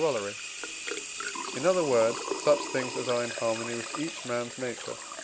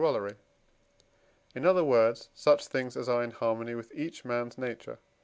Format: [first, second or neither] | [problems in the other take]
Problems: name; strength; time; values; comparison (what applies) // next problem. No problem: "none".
second | background sound (Sink (filling or washing) / Water tap, faucet); 6 dB below the speech